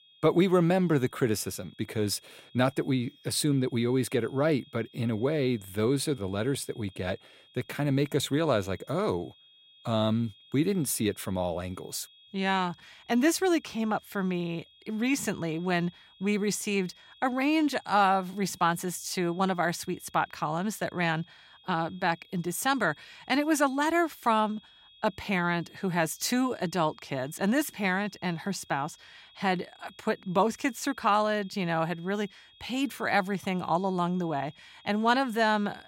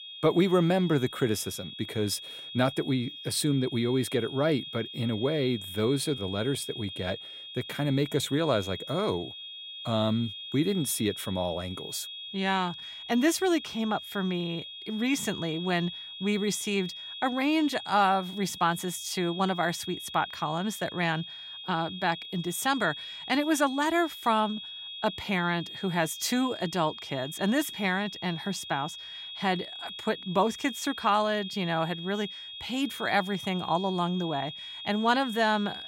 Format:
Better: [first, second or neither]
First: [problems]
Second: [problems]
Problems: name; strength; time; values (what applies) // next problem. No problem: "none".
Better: first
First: high-pitched whine; faint; throughout; 3.5 kHz, 25 dB below the speech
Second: high-pitched whine; loud; throughout; 3.5 kHz, 10 dB below the speech